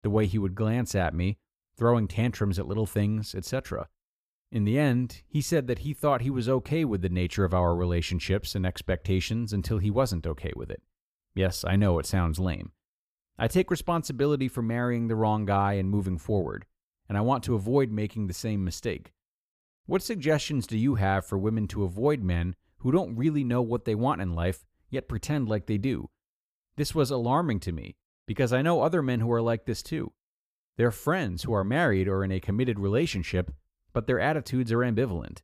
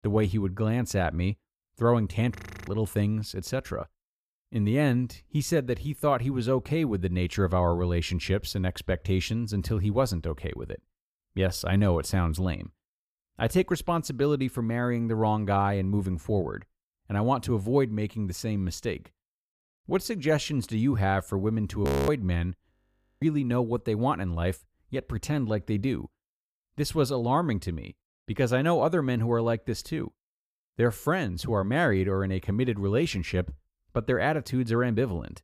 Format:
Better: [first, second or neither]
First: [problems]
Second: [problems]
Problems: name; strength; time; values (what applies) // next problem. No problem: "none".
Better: first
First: none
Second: audio freezing; at 2.5 s, at 22 s and at 23 s